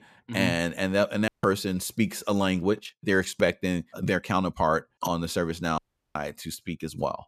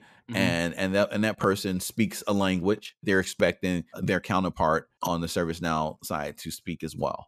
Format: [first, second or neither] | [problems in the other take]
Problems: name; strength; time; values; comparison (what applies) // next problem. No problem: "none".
second | audio cutting out; at 1.5 s and at 6 s